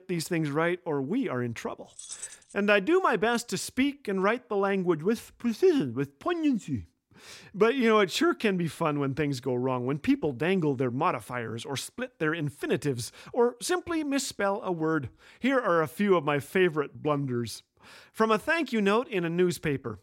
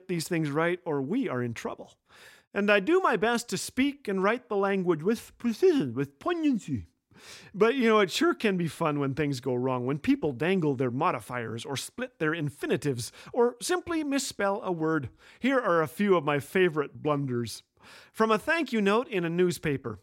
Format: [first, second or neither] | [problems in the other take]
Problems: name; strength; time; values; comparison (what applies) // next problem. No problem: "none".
second | jangling keys; faint; at 2 s; peak 10 dB below the speech